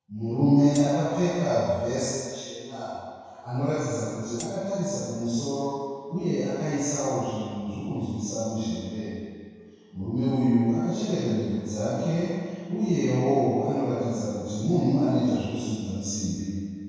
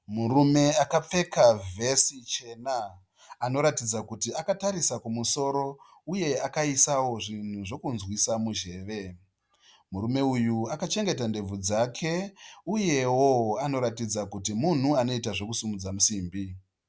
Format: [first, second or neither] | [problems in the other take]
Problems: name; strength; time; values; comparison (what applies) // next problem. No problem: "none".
second | background sound (Tambourine); 17 dB below the speech // room echo; dies away in 2 s